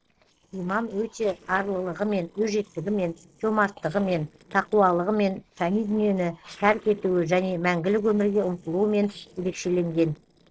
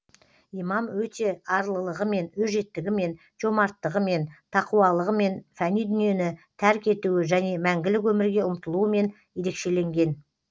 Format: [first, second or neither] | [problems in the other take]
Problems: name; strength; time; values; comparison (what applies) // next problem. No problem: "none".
second | noise reduction (neural separator model SepFormer DNS4)